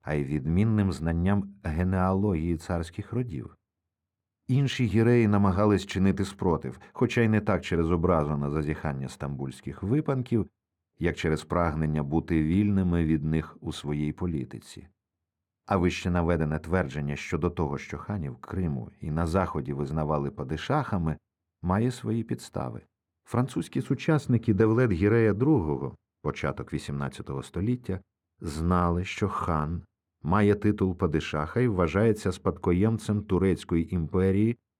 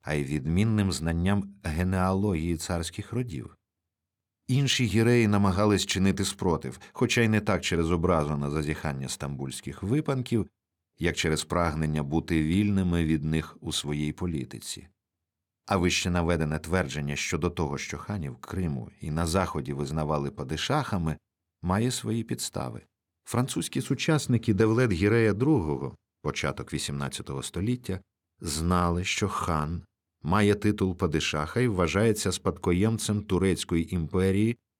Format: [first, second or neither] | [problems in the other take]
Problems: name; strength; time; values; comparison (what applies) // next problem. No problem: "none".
second | muffled; slightly; fading above 2.5 kHz